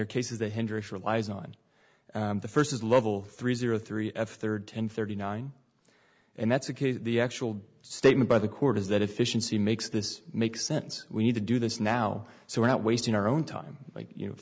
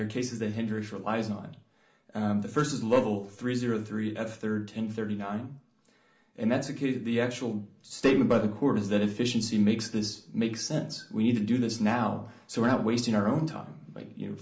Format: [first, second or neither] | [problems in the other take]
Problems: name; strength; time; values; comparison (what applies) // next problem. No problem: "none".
first | room echo; dies away in 0.4 s